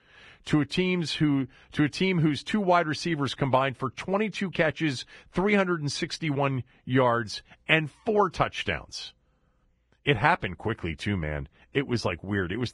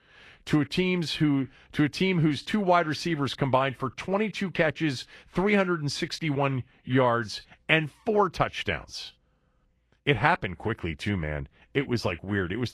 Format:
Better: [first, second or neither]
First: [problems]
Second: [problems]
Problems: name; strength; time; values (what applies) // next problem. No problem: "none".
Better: second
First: garbled, watery; badly; nothing above 10.5 kHz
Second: garbled, watery; slightly; nothing above 12.5 kHz